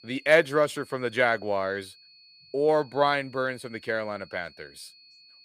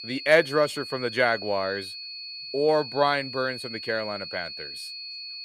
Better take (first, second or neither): first